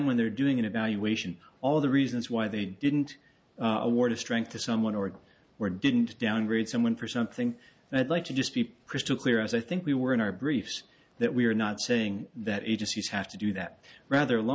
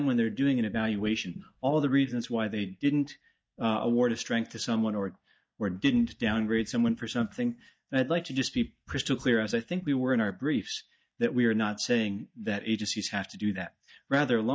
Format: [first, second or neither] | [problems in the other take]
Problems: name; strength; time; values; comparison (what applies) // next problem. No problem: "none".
first | noise reduction (neural mask model DeepFilterNet 3)